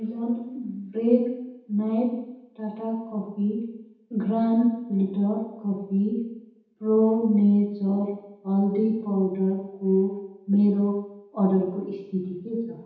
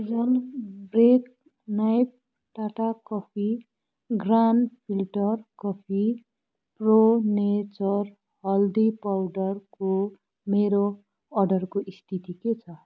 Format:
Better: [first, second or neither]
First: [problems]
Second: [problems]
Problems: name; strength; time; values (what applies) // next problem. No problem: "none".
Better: second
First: room echo; dies away in 0.9 s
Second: none